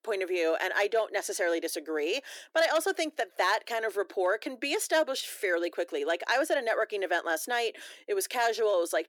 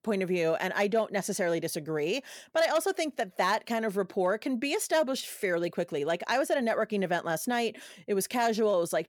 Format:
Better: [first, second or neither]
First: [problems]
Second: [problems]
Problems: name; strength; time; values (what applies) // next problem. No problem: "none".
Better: second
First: thin; somewhat; fading below 300 Hz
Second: none